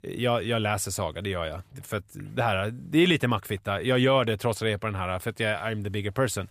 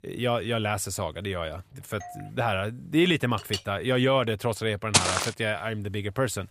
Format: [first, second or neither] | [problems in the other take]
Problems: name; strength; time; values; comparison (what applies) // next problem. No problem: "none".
first | doorbell; faint; at 2 s; peak 15 dB below the speech // clattering dishes; noticeable; at 3.5 s; peak 6 dB below the speech // footsteps; loud; at 5 s; peak 6 dB above the speech